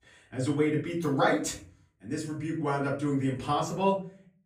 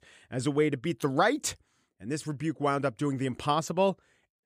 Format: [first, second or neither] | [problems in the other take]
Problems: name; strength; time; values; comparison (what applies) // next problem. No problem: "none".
second | room echo; slight; dies away in 0.4 s // off-mic speech; far